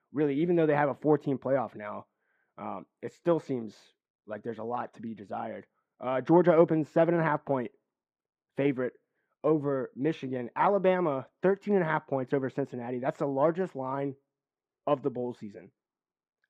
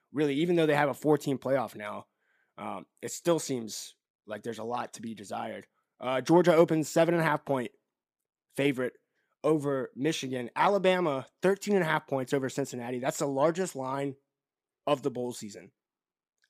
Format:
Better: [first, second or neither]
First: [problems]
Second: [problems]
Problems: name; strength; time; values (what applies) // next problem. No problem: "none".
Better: second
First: muffled; very; fading above 4 kHz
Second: none